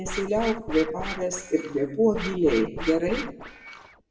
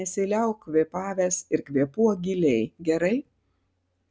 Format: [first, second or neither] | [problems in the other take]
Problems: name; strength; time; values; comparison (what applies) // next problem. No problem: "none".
second | background sound (Scratching (performance technique)); 9 dB below the speech // room echo; dies away in 0.8 s